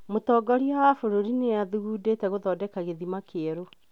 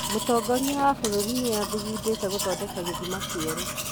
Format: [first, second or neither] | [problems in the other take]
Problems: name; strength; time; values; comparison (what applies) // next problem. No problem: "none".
first | background sound (Domestic sounds, home sounds); 4 dB below the speech